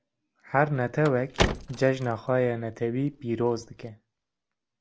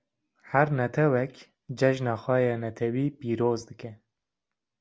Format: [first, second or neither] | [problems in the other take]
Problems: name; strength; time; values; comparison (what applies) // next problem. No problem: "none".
second | background sound (Car); 6 dB below the speech